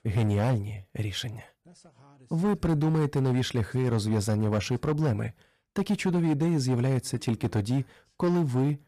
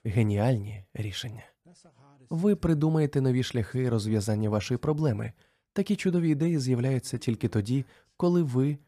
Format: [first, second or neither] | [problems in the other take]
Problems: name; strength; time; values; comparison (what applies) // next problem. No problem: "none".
second | distortion; slight; 10% of the sound clipped